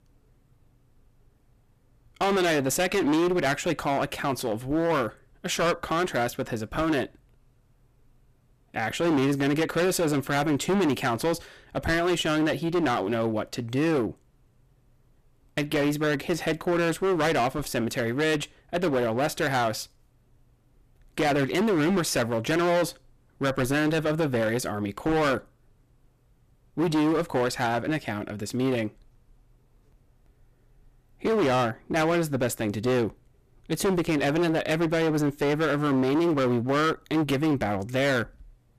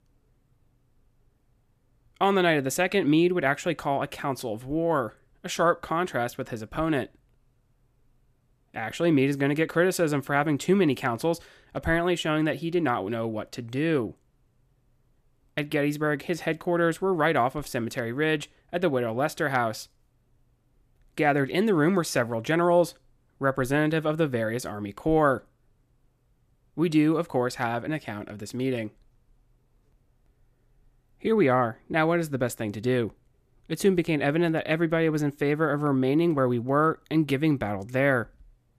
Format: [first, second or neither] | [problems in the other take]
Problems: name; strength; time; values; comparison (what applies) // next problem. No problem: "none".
second | distortion; heavy; 17% of the sound clipped